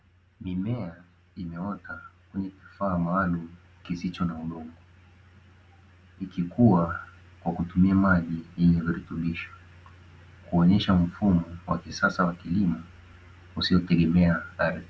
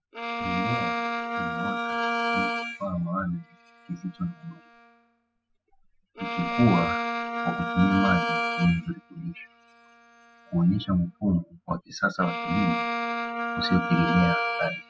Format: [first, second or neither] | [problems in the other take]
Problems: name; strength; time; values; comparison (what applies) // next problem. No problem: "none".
first | noise reduction (classical method spectral subtraction)